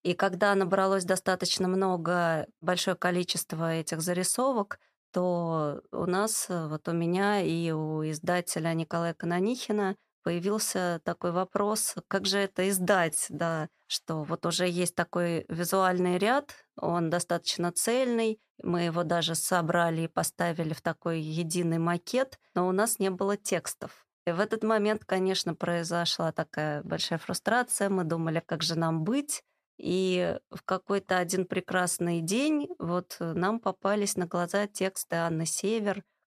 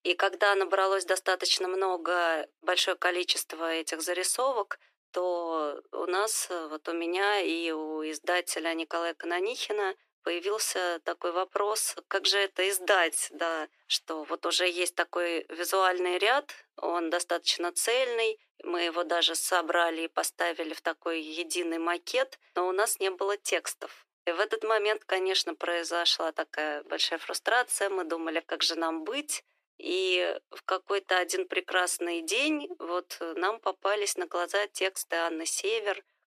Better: first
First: none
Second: thin; very; fading below 300 Hz

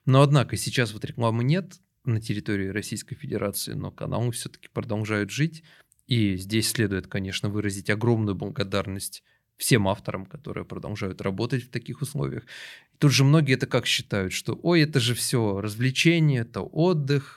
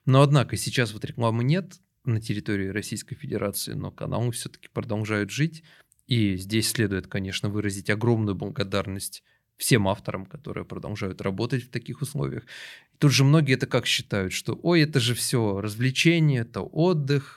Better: neither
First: none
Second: none

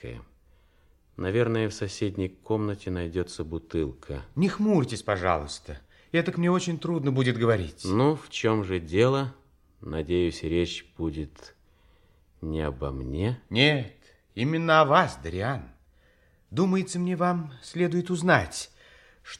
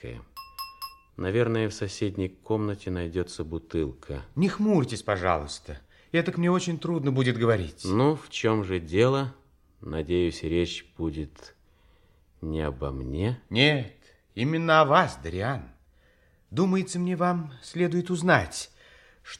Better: first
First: none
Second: clattering dishes; faint; at 0.5 s; peak 10 dB below the speech

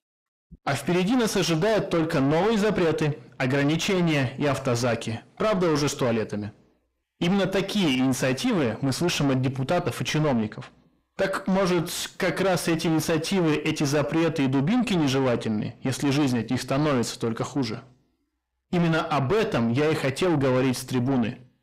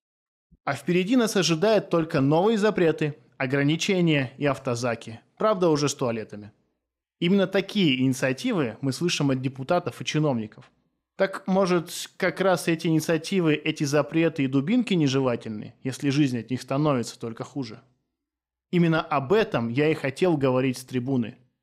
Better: second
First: distortion; heavy; 6 dB below the speech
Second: none

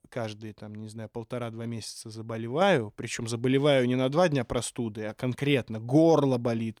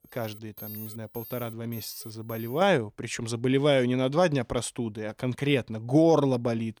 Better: first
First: none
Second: alarm; faint; until 2.5 s; peak 10 dB below the speech

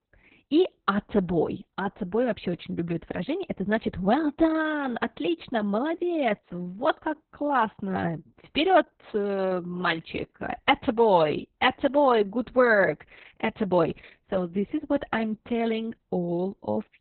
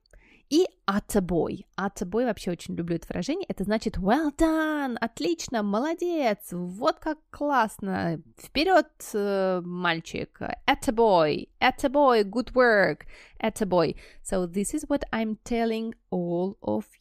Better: second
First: garbled, watery; badly; nothing above 4 kHz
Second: none

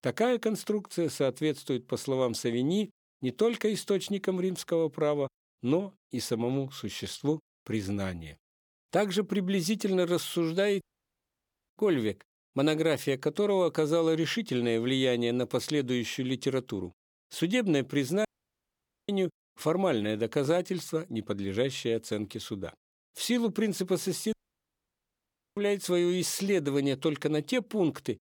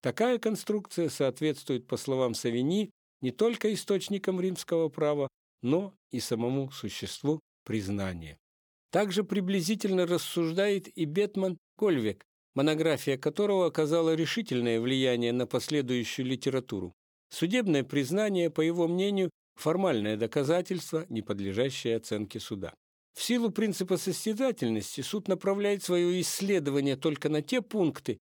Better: second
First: audio cutting out; at 11 s for 1 s, at 18 s for 1 s and at 24 s for 1 s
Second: none

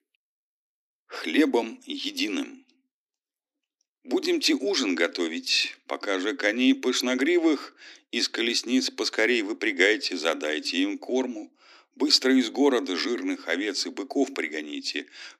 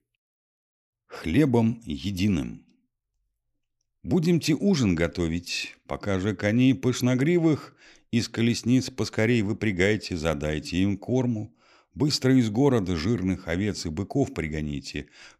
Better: second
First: thin; very slightly; fading below 250 Hz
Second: none

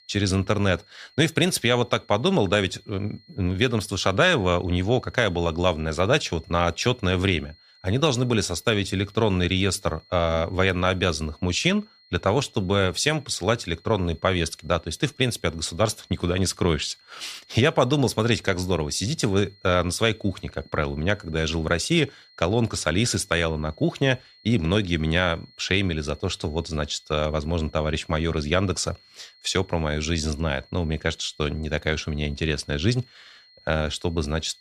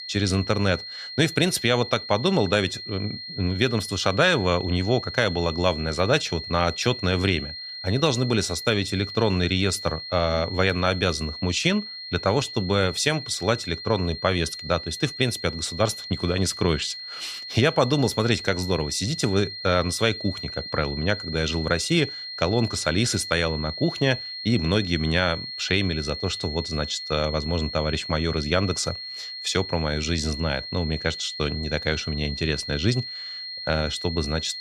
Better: first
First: high-pitched whine; faint; throughout; 4 kHz, 30 dB below the speech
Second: high-pitched whine; loud; throughout; 4 kHz, 8 dB below the speech

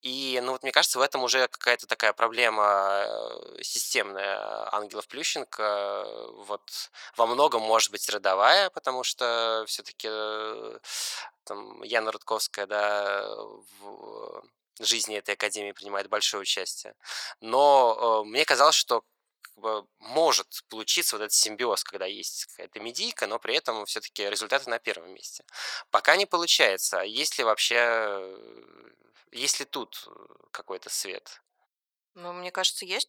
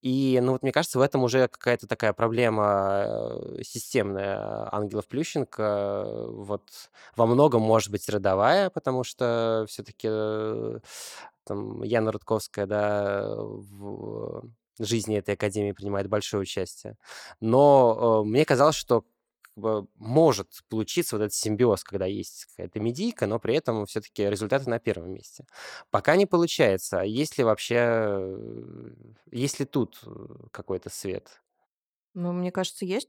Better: second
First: thin; very; fading below 900 Hz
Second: none

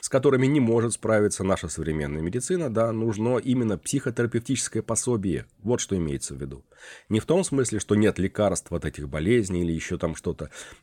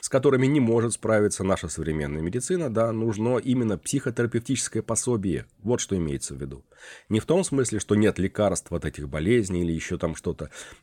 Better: neither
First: none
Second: none

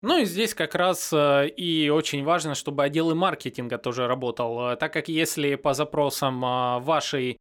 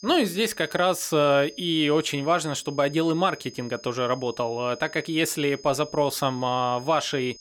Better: first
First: none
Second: high-pitched whine; faint; throughout; 5 kHz, 20 dB below the speech

